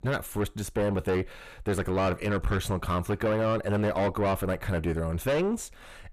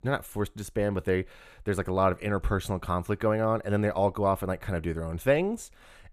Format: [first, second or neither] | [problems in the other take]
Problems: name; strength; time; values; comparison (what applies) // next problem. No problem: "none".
second | distortion; heavy; 6 dB below the speech